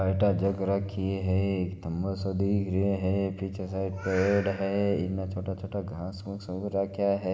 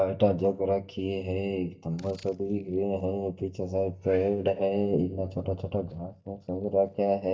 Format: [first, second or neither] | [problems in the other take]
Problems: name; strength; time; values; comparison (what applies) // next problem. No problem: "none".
first | noise reduction (neural mask model DeepFilterNet 3)